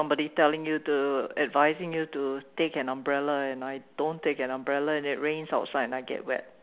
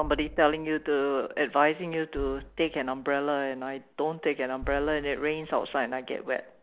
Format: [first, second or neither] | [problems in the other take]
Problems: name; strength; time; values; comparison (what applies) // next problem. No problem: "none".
first | noise reduction (neural mask model DeepFilterNet 3)